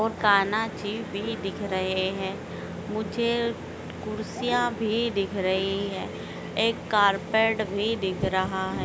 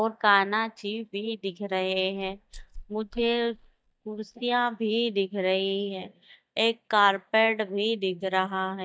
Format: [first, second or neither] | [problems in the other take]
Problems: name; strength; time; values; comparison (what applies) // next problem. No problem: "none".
first | noise reduction (neural mask model DeepFilterNet 3)